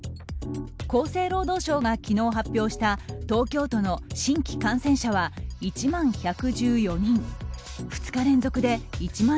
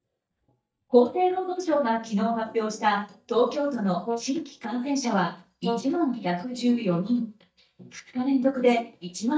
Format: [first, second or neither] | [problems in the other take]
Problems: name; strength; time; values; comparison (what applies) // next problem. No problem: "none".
first | noise reduction (neural mask model DeepFilterNet 3)